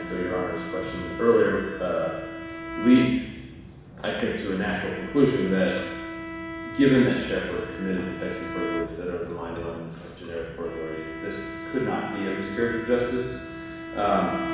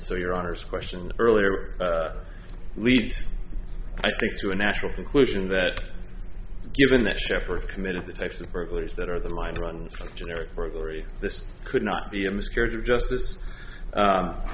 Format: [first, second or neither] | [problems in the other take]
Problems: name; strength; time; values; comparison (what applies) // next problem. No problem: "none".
second | background sound (Bowed string instrument); 10 dB below the speech // room echo; dies away in 1.1 s